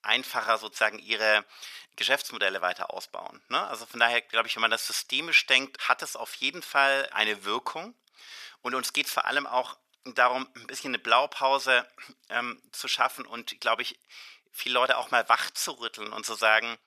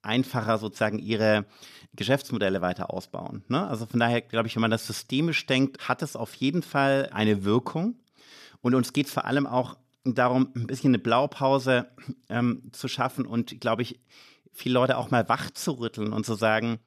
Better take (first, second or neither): second